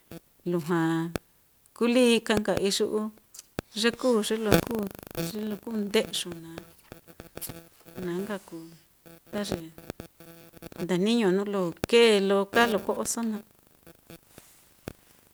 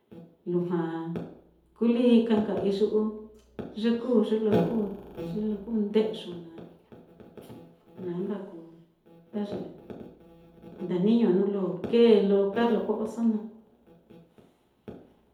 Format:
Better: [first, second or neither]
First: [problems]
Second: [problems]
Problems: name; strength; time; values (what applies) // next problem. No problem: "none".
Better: first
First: none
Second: room echo; dies away in 1.9 s